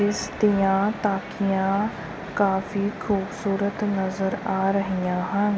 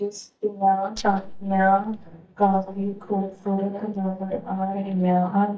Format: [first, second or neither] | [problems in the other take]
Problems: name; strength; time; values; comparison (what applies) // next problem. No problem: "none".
first | noise reduction (neural mask model DeepFilterNet 3)